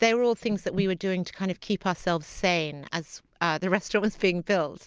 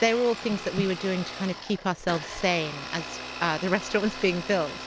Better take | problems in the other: first | background sound (Domestic sounds, home sounds); 11 dB below the speech

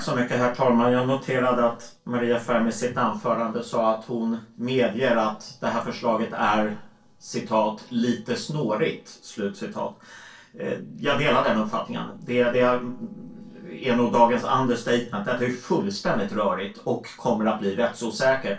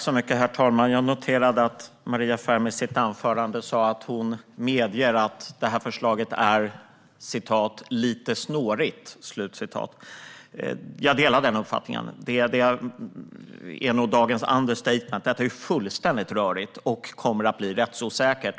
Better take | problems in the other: second | noise reduction (neural separator model SepFormer DNS4)

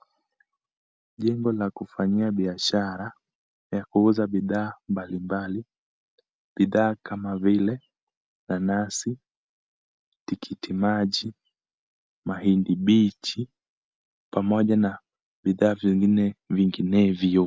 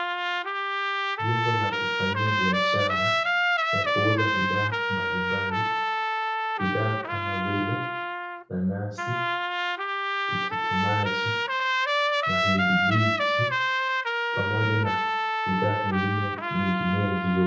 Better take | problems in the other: first | background sound (Trumpet); 4 dB above the speech // room echo; dies away in 0.6 s

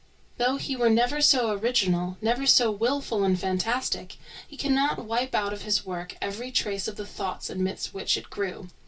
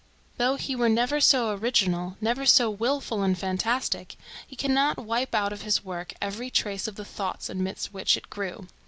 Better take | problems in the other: second | room echo; dies away in 0.1 s

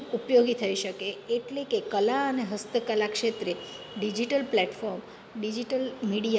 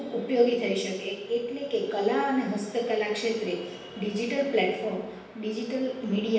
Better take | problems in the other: first | room echo; dies away in 0.9 s

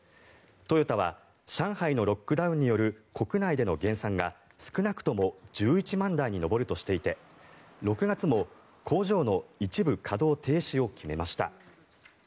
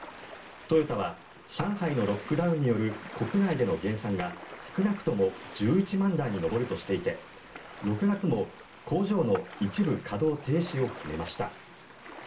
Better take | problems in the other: first | background sound (Ocean); 16 dB below the speech // room echo; dies away in 0.2 s

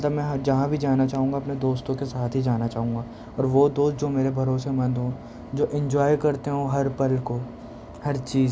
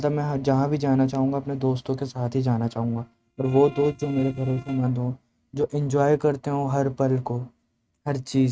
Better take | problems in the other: first | noise reduction (neural mask model RNNoise)

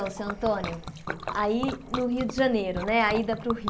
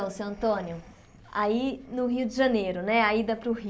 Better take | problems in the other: second | background sound (Liquid); 9 dB below the speech

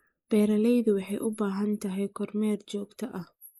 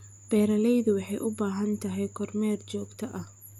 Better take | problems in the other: second | noise reduction (neural mask model Resemble Enhance denoiser)

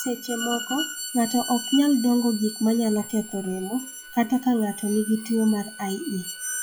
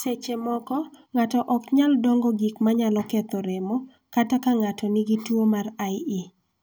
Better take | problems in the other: second | noise reduction (classical method log-MMSE)

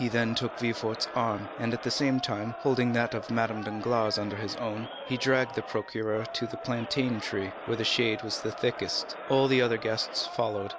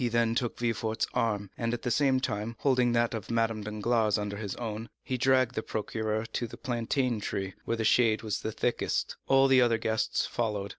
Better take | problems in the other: second | background sound (Crowd); 11 dB below the speech

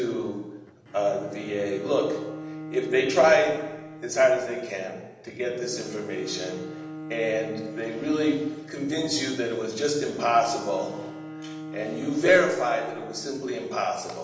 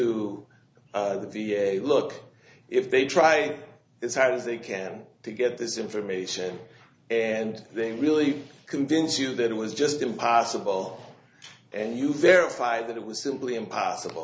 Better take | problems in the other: second | background sound (Bowed string instrument); 14 dB below the speech // room echo; dies away in 1.1 s

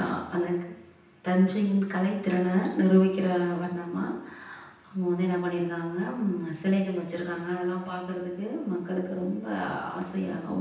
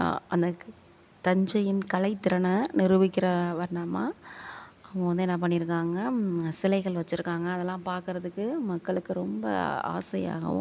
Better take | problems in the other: second | room echo; dies away in 0.9 s

